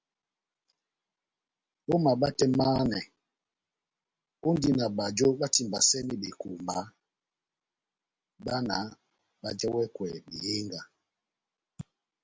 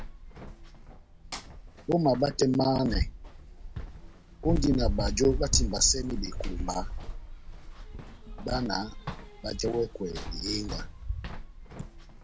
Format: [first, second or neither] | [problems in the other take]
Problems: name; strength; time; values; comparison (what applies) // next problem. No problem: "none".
first | background sound (Run); 4 dB below the speech